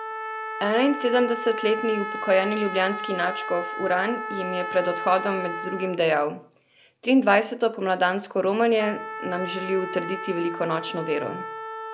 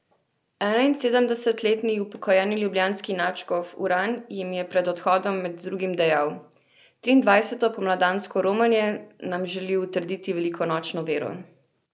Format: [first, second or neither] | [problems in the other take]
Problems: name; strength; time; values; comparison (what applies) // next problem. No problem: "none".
second | background sound (Trumpet); 9 dB below the speech